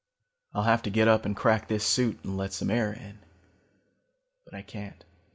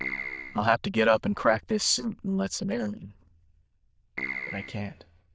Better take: first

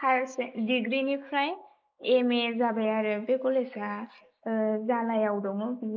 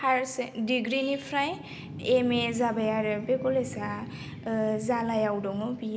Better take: second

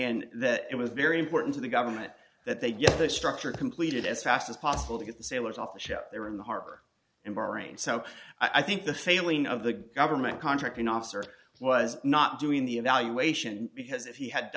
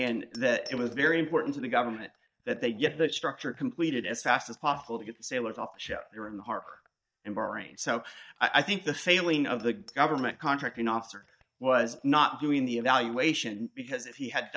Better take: first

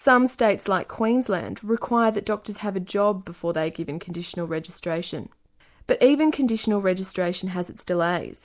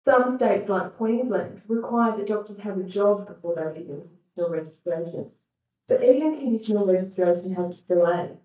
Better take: first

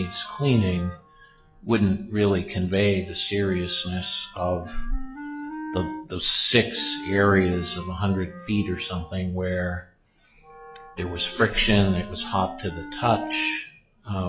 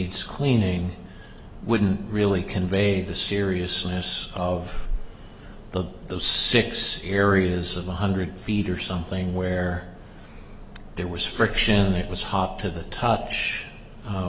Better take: second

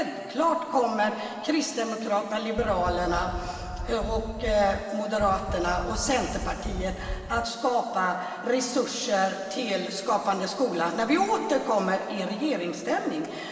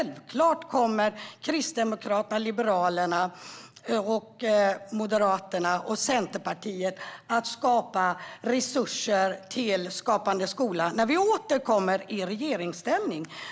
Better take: second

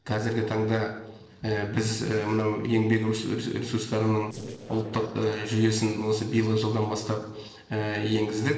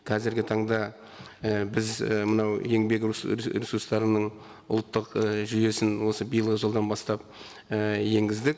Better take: second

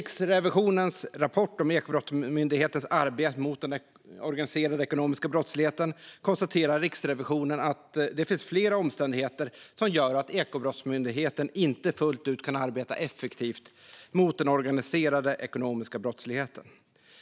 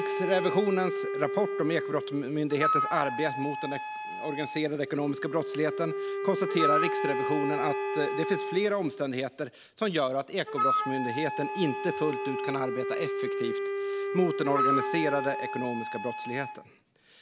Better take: first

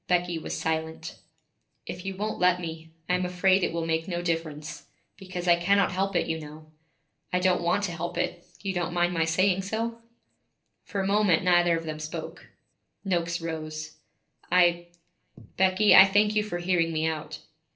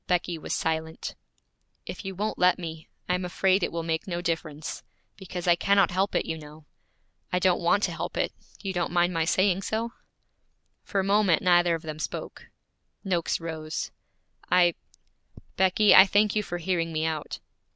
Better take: second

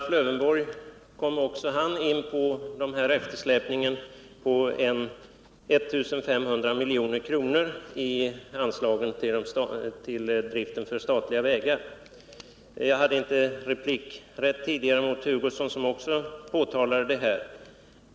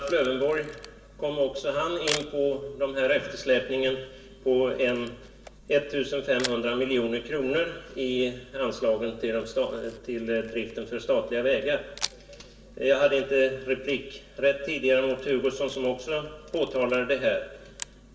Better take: first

